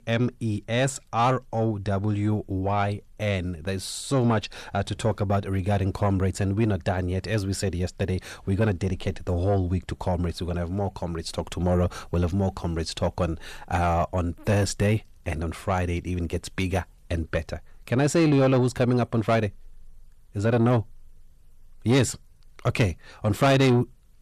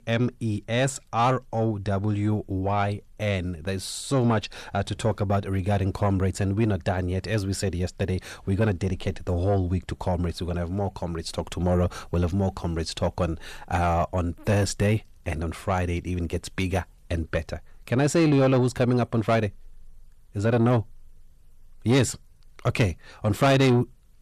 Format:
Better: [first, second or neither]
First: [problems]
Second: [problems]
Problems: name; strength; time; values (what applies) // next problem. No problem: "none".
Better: neither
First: distortion; slight; 10 dB below the speech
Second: distortion; slight; 10 dB below the speech